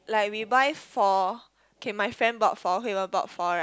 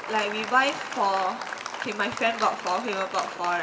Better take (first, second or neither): first